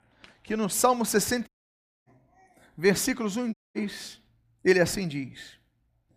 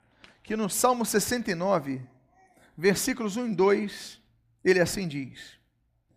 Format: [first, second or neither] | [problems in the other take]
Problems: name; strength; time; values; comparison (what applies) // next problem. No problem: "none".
second | audio cutting out; at 1.5 s for 0.5 s and at 3.5 s